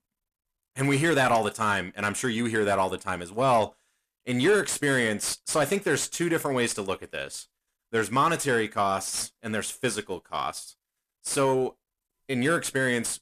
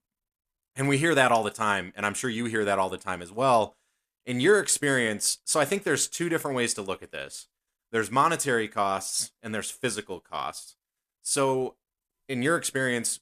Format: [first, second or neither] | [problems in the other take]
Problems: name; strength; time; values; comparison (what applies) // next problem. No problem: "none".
second | distortion; slight; 10 dB below the speech